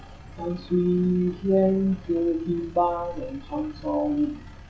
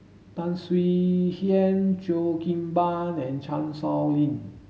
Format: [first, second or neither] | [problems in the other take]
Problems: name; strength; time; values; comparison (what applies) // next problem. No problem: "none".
second | noise reduction (classical method log-MMSE)